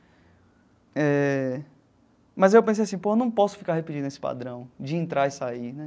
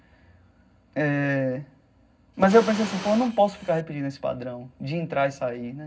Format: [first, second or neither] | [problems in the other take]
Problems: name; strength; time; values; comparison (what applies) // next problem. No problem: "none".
first | background sound (Fire); 10 dB below the speech // room echo; dies away in 0.4 s